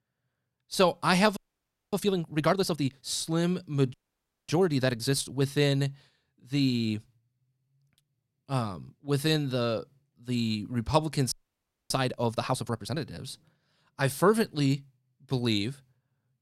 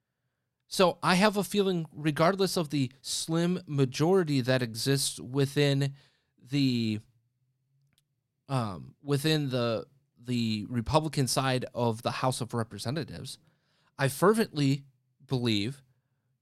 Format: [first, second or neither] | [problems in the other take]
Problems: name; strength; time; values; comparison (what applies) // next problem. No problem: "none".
second | audio freezing; at 1.5 s for 0.5 s, at 4 s for 0.5 s and at 11 s for 0.5 s